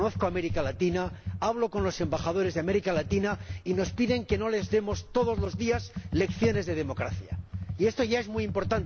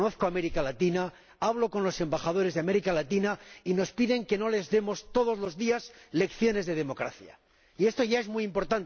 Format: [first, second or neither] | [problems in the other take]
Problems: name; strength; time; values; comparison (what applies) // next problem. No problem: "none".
second | background sound (Computer keyboard); 7 dB below the speech